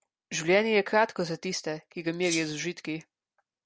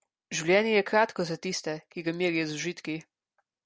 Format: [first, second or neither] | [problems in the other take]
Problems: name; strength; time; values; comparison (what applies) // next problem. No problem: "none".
second | background sound (Rattle (instrument)); 7 dB below the speech